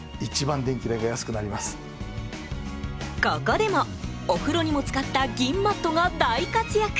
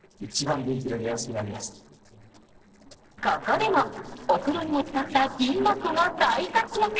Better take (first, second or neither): first